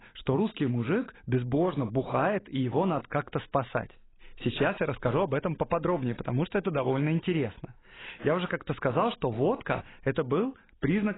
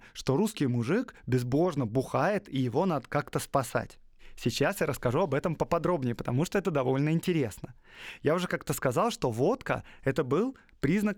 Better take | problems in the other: second | garbled, watery; badly; nothing above 4 kHz

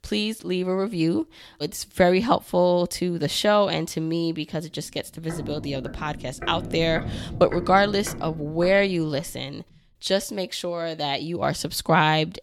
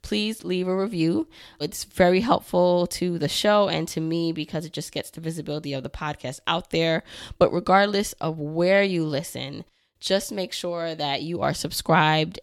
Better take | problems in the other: second | footsteps; noticeable; from 5.5 to 9.5 s; peak 8 dB below the speech

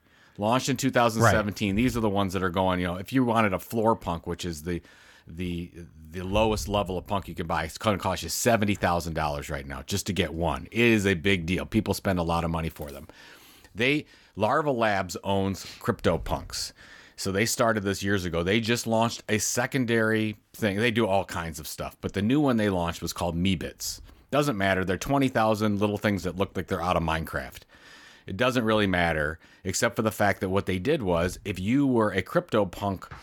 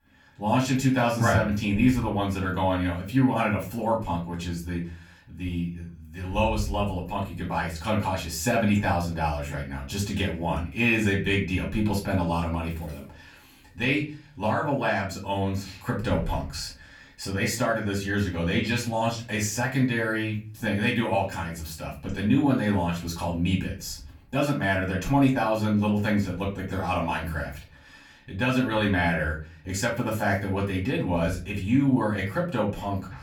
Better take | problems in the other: first | room echo; slight; dies away in 0.4 s // off-mic speech; far

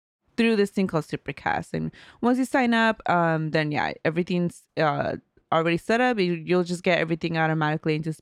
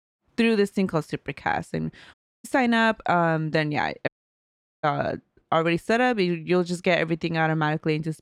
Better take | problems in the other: first | audio cutting out; at 2 s and at 4 s for 1 s

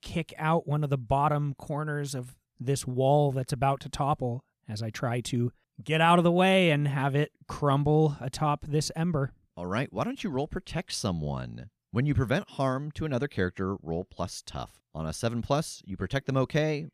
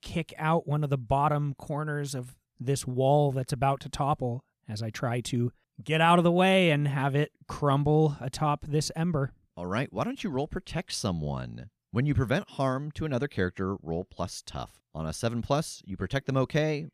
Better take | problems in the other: neither | none

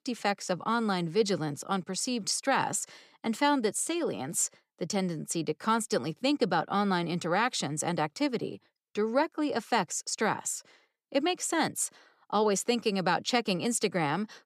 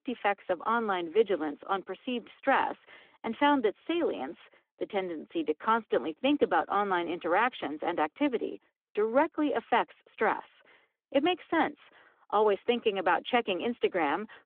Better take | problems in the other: first | phone-call audio

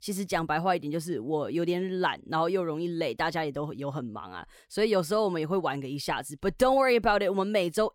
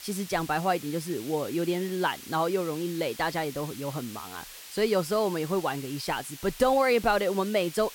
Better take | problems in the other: first | hiss; noticeable; throughout; 15 dB below the speech

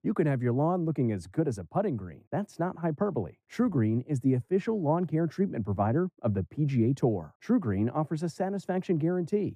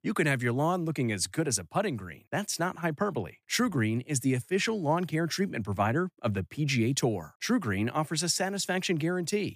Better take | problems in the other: second | muffled; very; fading above 1.5 kHz

